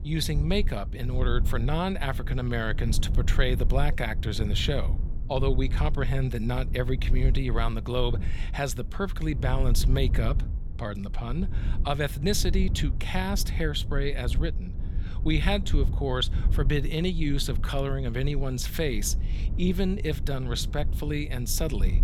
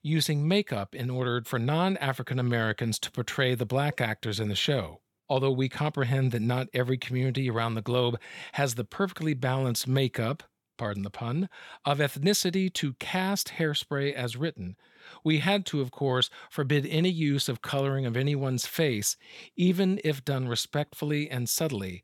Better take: second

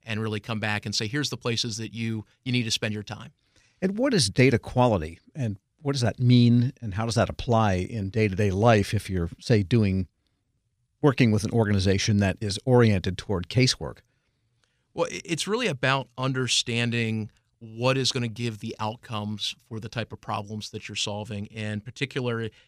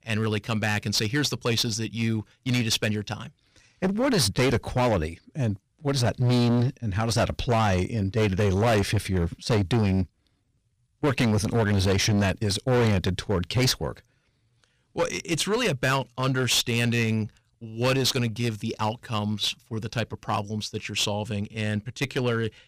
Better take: first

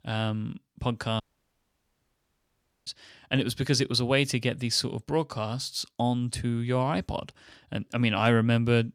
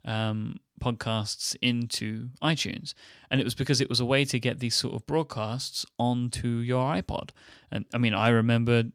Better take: second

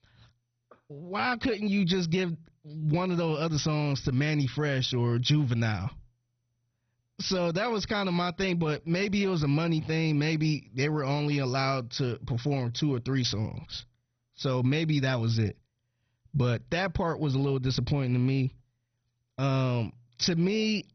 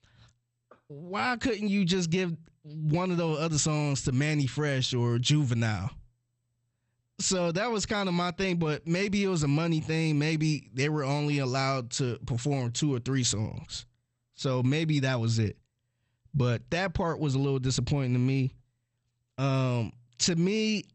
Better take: second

